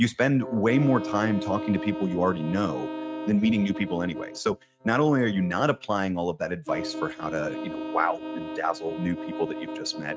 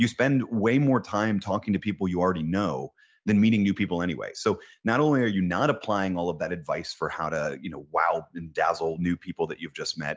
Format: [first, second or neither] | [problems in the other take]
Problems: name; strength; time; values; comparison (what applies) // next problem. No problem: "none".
second | noise reduction (neural mask model RNNoise)